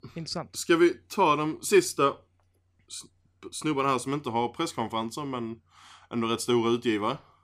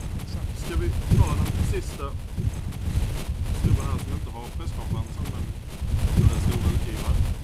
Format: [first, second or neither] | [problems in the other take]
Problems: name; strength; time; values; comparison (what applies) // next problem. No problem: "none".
first | wind noise on the microphone; heavy; 2 dB above the speech